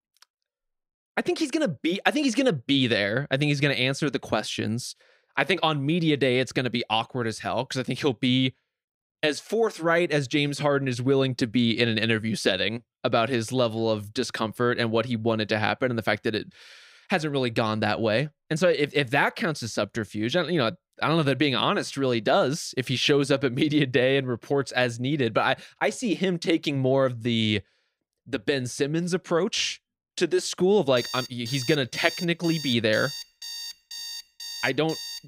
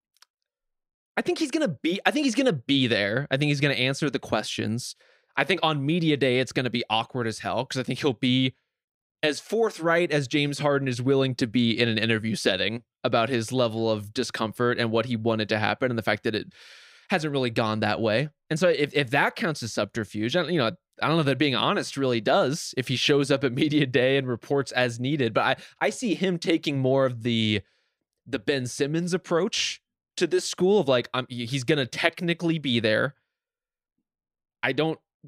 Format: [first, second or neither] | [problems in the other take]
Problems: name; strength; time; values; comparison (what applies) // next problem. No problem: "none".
second | alarm; noticeable; from 31 s on; peak 9 dB below the speech